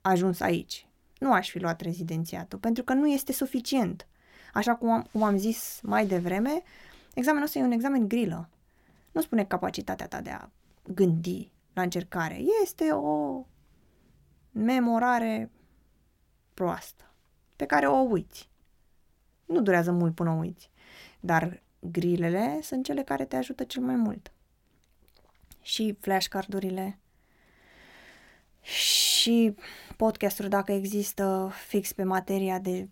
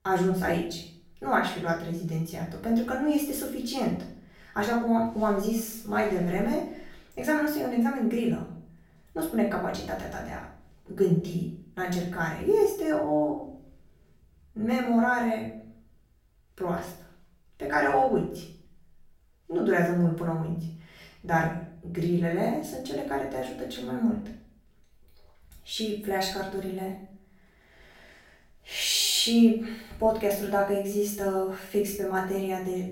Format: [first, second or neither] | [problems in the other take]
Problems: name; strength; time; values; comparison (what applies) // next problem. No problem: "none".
first | off-mic speech; far // room echo; noticeable; dies away in 0.5 s